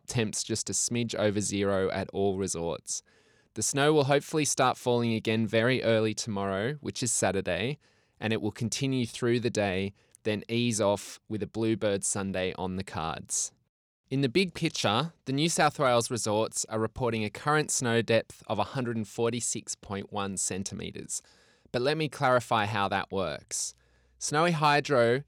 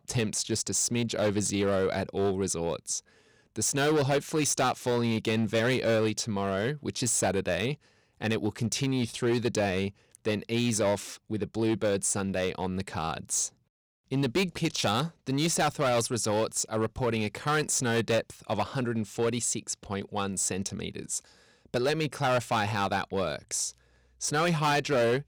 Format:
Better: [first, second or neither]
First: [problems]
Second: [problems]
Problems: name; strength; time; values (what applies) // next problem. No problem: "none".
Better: first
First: none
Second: distortion; slight; 7% of the sound clipped